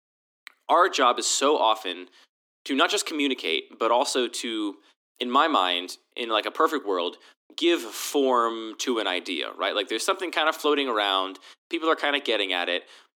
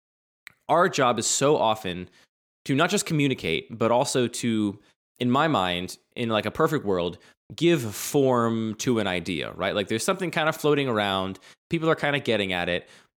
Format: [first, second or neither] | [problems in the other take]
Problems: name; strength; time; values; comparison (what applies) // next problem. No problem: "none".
second | thin; very slightly; fading below 250 Hz